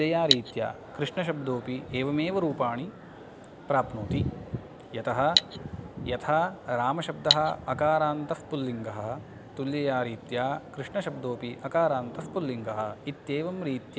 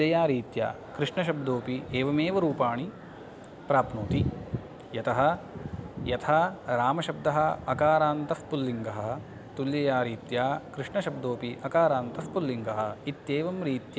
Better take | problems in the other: second | background sound (Cutlery, silverware); as loud as the speech

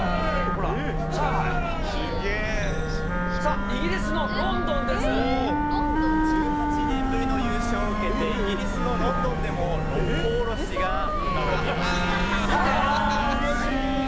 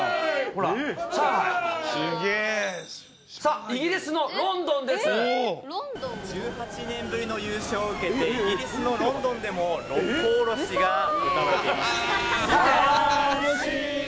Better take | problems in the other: second | background sound (Wind instrument, woodwind instrument + Subway, metro, underground); 4 dB above the speech

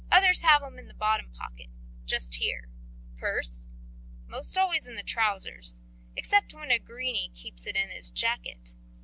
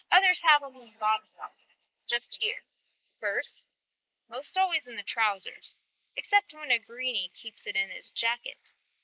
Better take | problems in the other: first | noise reduction (neural mask model Resemble Enhance denoiser)

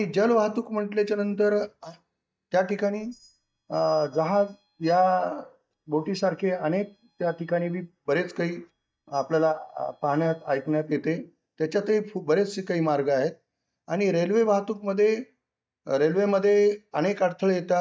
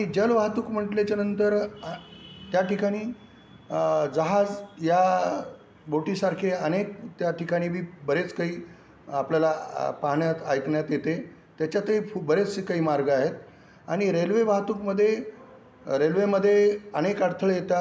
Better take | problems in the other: second | noise reduction (neural mask model DeepFilterNet 3)

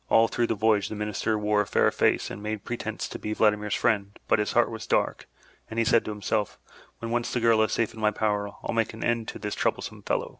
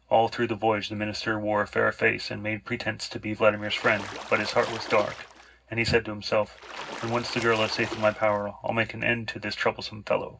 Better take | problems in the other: first | background sound (Splash, splatter); 12 dB below the speech // room echo; dies away in 0.4 s

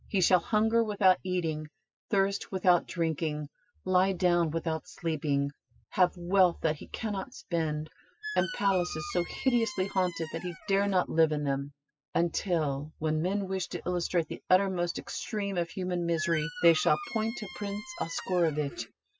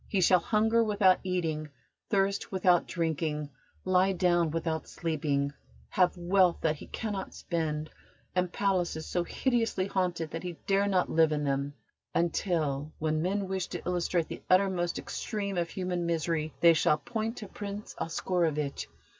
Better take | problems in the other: second | noise reduction (classical method spectral subtraction)

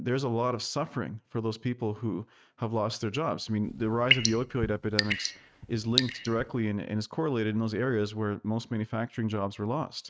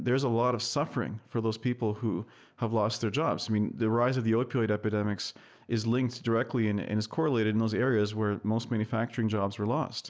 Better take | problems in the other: second | noise reduction (neural mask model RNNoise)

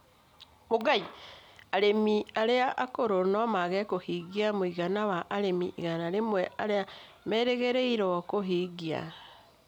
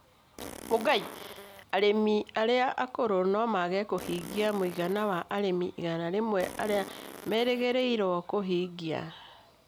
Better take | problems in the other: first | background sound (Fart); 15 dB below the speech

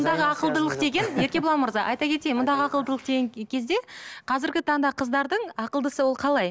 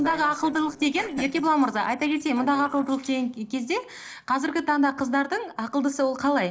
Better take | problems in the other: first | noise reduction (neural separator model SepFormer DNS4)

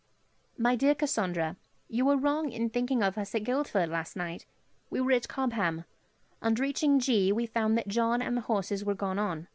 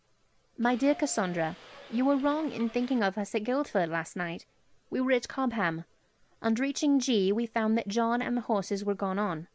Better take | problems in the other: first | background sound (Subway, metro, underground / Doorbell); 19 dB below the speech

